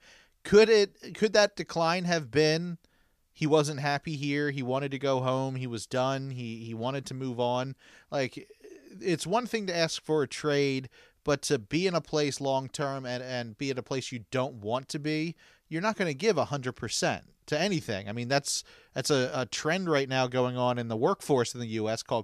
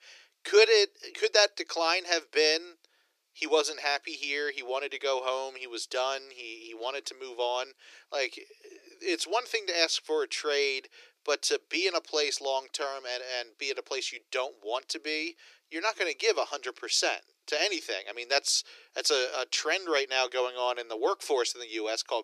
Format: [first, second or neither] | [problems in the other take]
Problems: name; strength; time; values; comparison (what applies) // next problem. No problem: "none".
first | thin; very; fading below 350 Hz